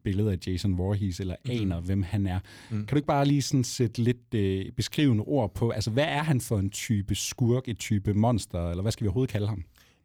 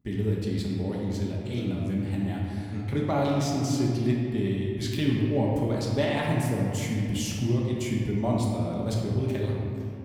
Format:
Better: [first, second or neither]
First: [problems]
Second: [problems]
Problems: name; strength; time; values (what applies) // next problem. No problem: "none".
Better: first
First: none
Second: room echo; noticeable; dies away in 2.3 s // off-mic speech; somewhat distant